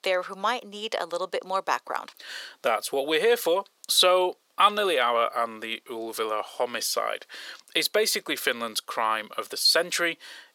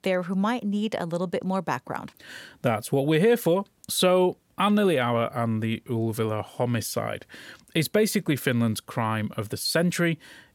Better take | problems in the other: second | thin; very; fading below 450 Hz

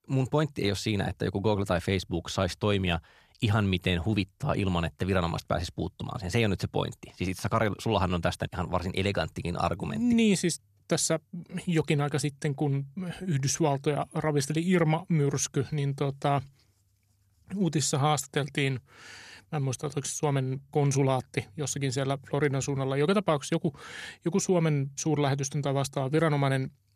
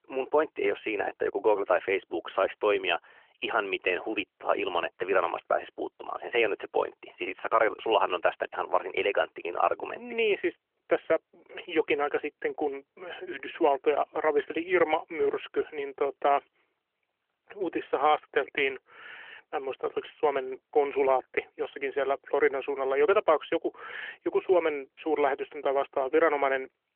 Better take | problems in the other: first | phone-call audio; nothing above 3 kHz

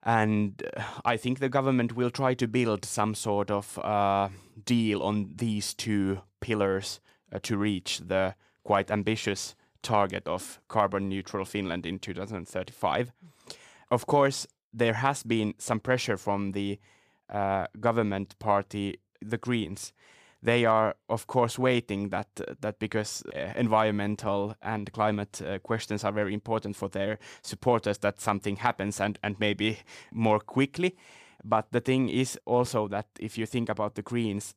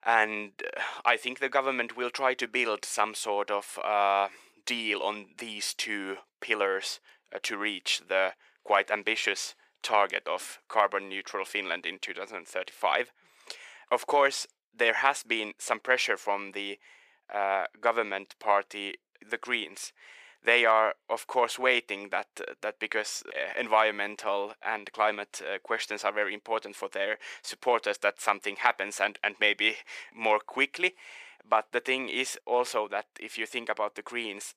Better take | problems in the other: first | thin; very; fading below 400 Hz

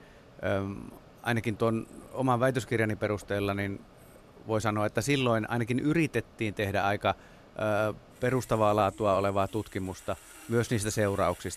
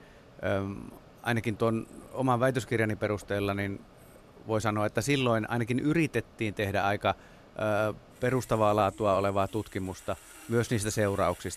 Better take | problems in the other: neither | machinery noise; faint; throughout; 25 dB below the speech; the same in both

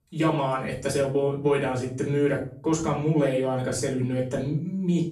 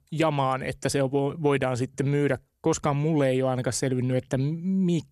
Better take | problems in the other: second | off-mic speech; far // room echo; slight; dies away in 0.4 s

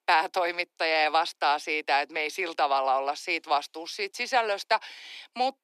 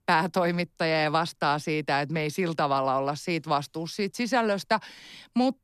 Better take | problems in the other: second | thin; very; fading below 350 Hz

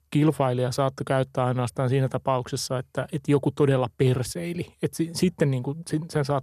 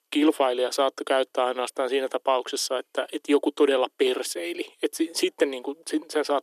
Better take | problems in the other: first | thin; somewhat; fading below 300 Hz

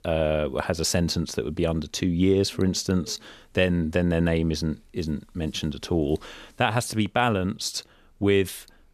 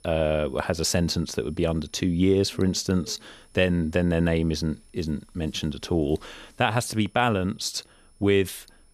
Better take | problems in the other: first | high-pitched whine; faint; throughout; 10 kHz, 35 dB below the speech

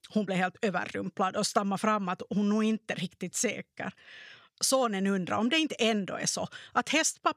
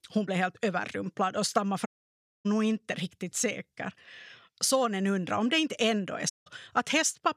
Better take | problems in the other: first | audio cutting out; at 2 s for 0.5 s and at 6.5 s

